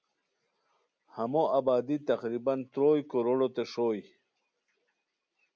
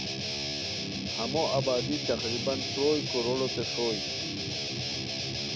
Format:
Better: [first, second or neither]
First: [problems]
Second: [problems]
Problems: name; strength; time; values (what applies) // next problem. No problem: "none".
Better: first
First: none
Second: background sound (Guitar); as loud as the speech